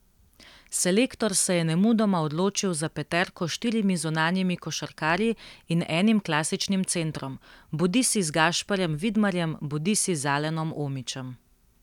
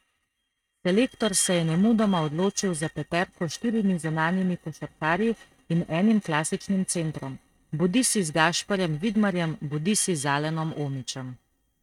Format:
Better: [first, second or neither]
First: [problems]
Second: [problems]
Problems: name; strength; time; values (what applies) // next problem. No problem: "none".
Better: first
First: none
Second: noise reduction (neural mask model RNNoise)